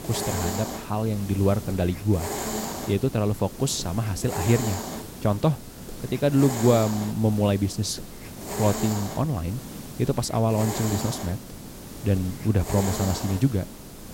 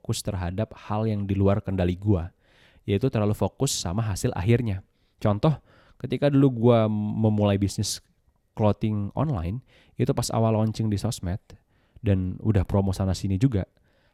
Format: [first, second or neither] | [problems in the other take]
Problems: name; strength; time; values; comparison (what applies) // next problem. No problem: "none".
second | hiss; loud; throughout; 8 dB below the speech